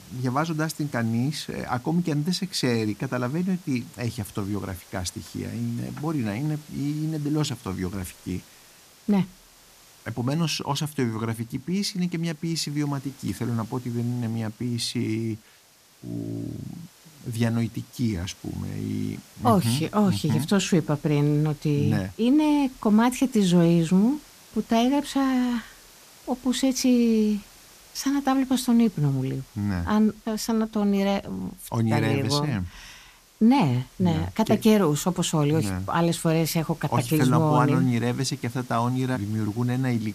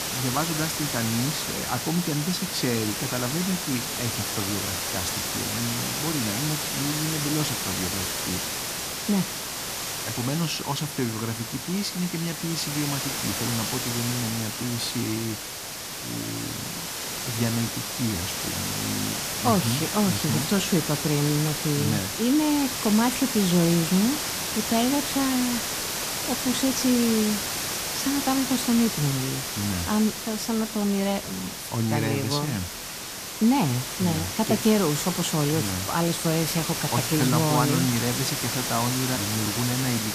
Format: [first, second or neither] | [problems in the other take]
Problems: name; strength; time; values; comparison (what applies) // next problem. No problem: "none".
first | hiss; loud; throughout; 1 dB below the speech; faint in the first